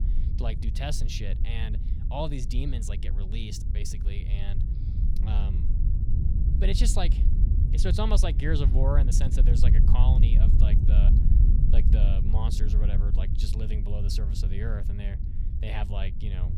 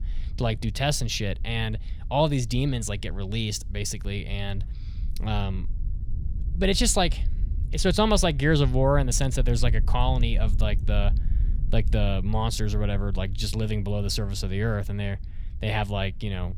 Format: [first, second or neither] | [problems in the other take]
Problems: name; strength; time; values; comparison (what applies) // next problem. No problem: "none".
second | wind noise on the microphone; heavy; 6 dB below the speech; occasional gusts in the second